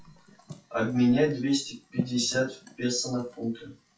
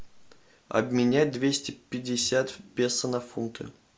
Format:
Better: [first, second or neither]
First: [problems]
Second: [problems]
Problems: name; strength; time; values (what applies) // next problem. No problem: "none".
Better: second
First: noise reduction (classical method WPE with log-MMSE)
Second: none